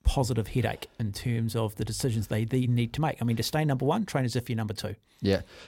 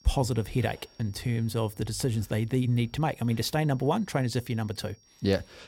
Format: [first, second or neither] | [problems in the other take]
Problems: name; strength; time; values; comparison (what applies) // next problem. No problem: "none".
first | high-pitched whine; faint; throughout; 5.5 kHz, 30 dB below the speech